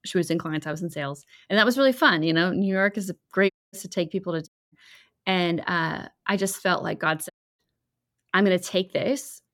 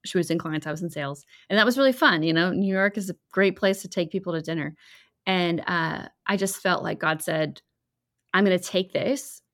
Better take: second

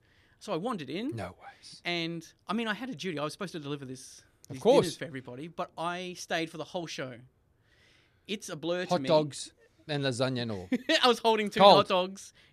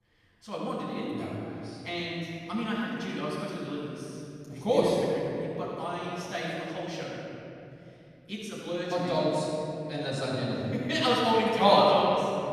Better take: first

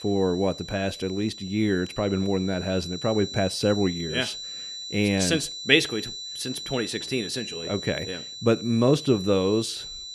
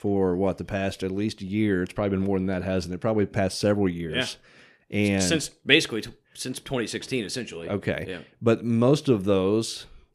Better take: second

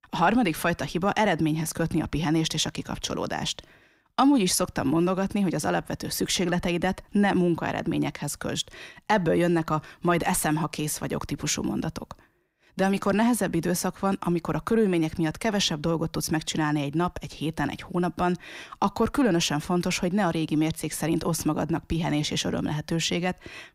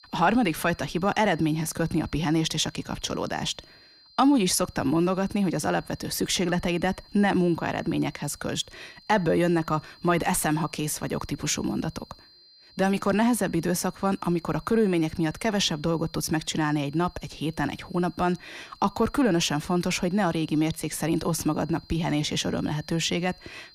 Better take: first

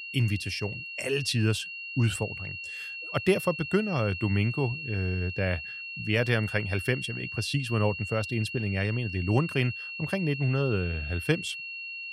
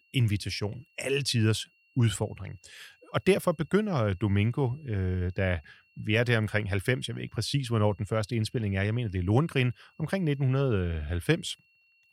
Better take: second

